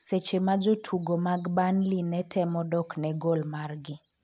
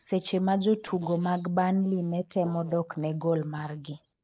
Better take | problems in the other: first | noise reduction (neural mask model Resemble Enhance denoiser)

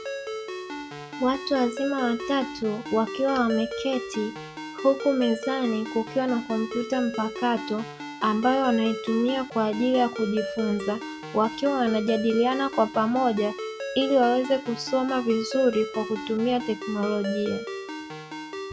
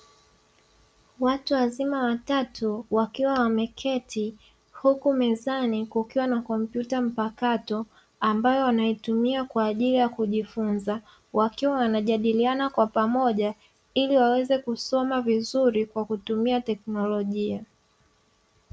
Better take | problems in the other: second | background sound (Ringtone); 9 dB below the speech

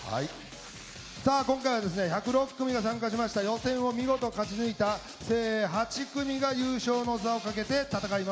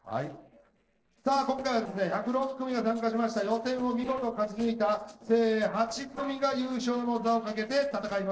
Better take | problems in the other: first | noise reduction (neural separator model SepFormer DNS4)

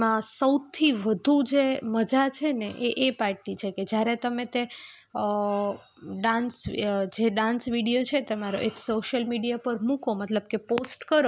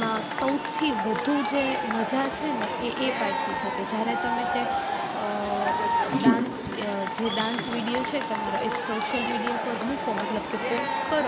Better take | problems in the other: first | background sound (Crowd / Cheering); 2 dB above the speech

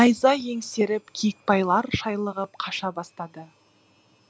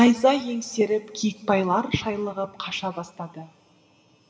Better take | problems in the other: first | room echo; dies away in 2.9 s

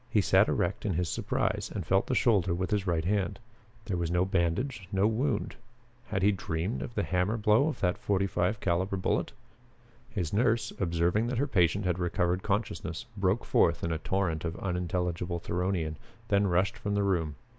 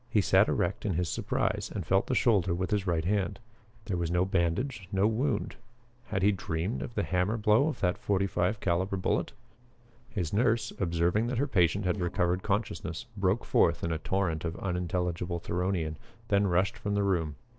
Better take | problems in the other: first | noise reduction (neural separator model SepFormer DNS4)

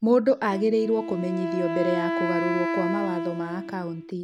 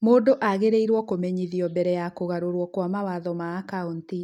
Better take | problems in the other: second | background sound (Wind instrument, woodwind instrument); 4 dB below the speech

